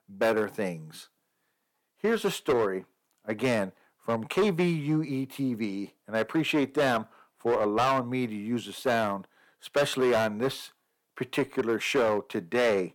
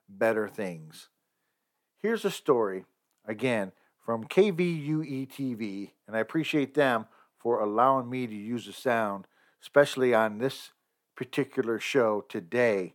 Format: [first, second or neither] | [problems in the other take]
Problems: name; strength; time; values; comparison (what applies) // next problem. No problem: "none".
second | distortion; heavy; 6% of the sound clipped